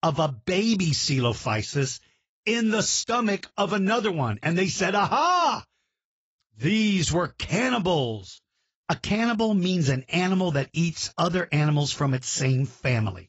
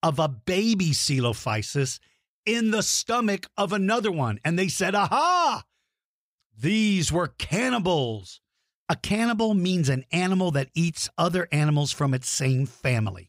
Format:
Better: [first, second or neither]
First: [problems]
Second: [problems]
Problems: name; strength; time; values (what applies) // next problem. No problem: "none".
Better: second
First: garbled, watery; badly; nothing above 7.5 kHz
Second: none